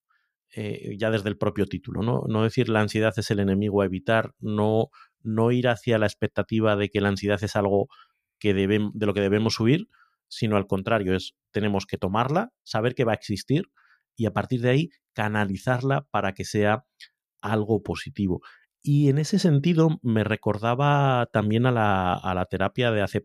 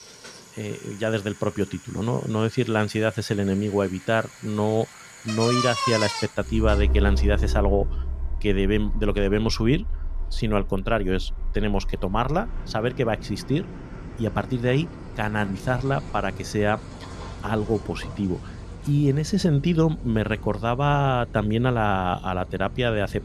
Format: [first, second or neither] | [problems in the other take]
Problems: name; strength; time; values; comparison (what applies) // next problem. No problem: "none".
first | traffic noise; loud; throughout; 7 dB below the speech